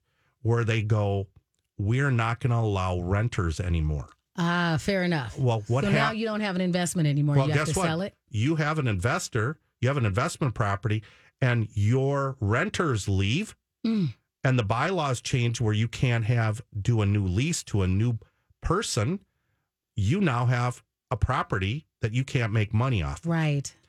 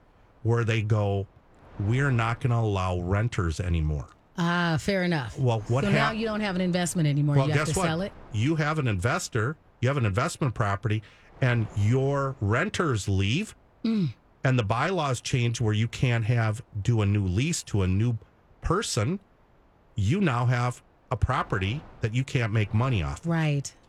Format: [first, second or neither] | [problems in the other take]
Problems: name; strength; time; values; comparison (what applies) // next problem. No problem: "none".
first | wind noise on the microphone; occasional gusts; 25 dB below the speech